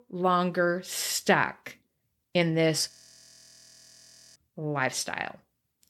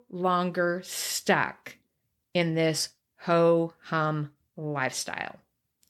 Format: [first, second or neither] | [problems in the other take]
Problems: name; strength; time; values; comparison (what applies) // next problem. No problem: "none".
second | audio freezing; at 3 s for 1.5 s